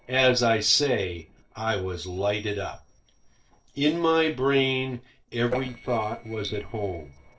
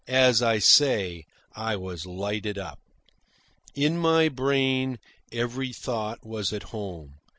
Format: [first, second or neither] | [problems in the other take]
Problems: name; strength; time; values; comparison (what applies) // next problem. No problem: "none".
second | noise reduction (neural separator model SepFormer DNS4)